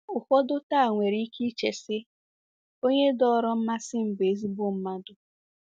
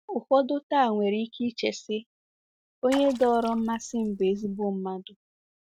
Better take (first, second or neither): first